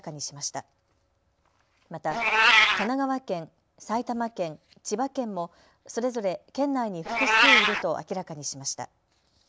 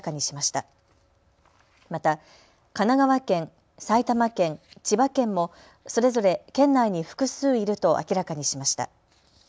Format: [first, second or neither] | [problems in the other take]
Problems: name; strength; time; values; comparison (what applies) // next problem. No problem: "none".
second | background sound (Meow); 3 dB above the speech